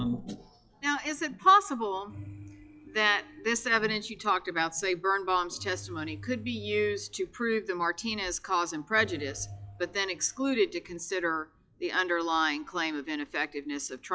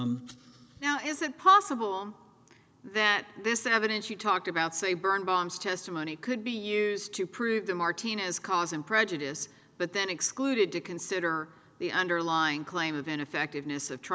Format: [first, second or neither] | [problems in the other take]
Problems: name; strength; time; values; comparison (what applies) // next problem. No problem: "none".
second | noise reduction (classical method log-MMSE)